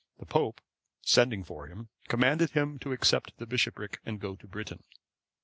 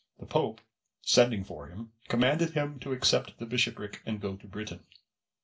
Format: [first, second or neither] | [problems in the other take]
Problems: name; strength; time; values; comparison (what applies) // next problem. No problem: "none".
first | room echo; dies away in 0.2 s